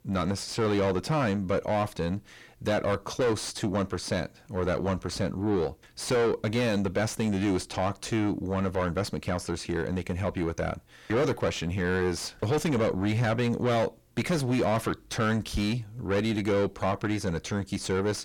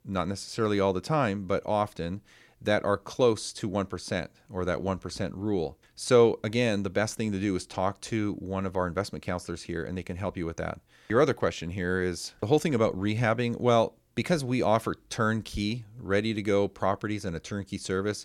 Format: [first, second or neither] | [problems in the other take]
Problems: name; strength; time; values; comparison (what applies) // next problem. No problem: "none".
second | distortion; heavy; 5 dB below the speech